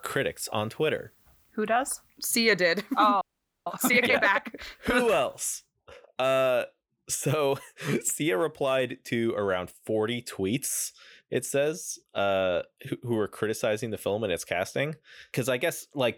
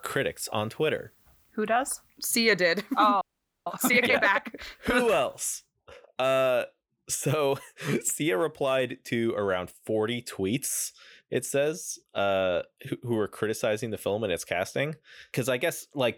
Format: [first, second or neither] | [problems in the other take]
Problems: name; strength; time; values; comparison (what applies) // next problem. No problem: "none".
neither | audio freezing; at 3 s; the same in both